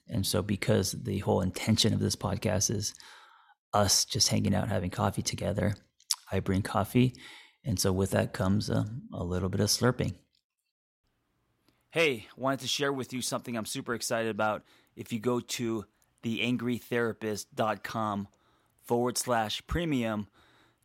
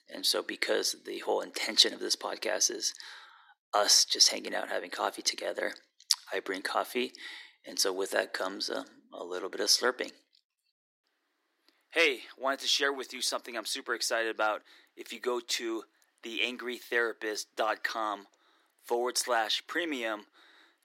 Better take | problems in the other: first | thin; very; fading below 300 Hz

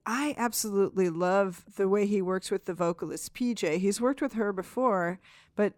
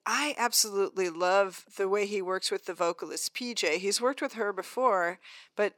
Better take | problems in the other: first | thin; somewhat; fading below 450 Hz

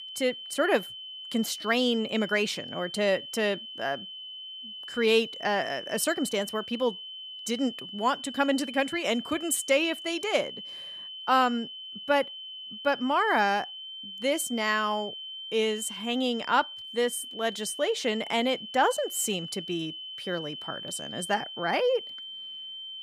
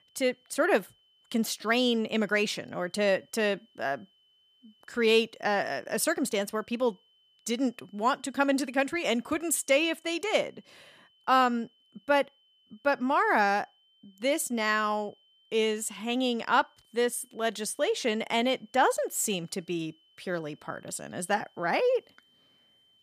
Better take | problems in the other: second | high-pitched whine; loud; throughout; 3 kHz, 10 dB below the speech; faint in the second

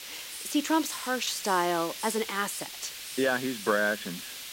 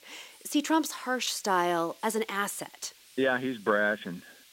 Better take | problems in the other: second | hiss; loud; throughout; 8 dB below the speech; faint in the second

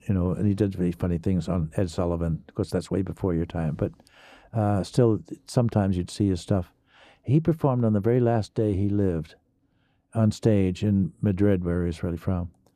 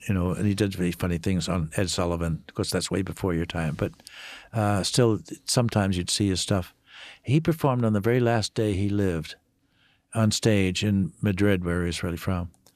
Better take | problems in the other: second | muffled; slightly; fading above 1.5 kHz

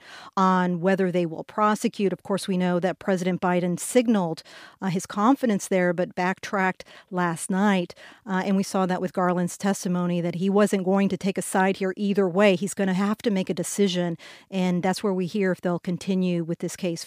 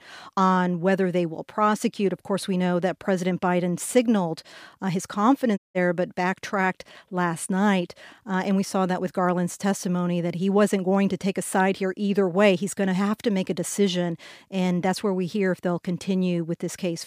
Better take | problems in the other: first | audio cutting out; at 5.5 s

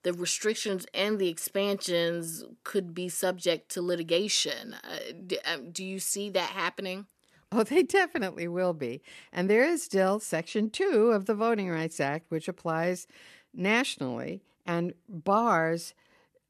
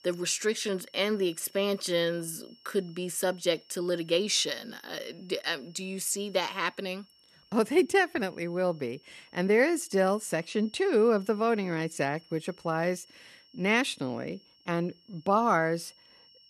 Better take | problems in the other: first | high-pitched whine; faint; throughout; 5.5 kHz, 30 dB below the speech

